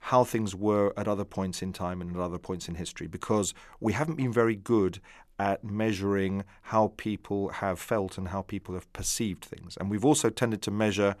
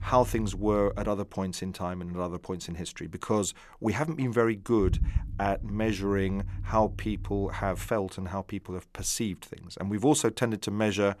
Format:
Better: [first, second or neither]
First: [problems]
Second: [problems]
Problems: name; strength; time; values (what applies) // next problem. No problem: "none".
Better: first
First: none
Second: low rumble; faint; throughout; 20 dB below the speech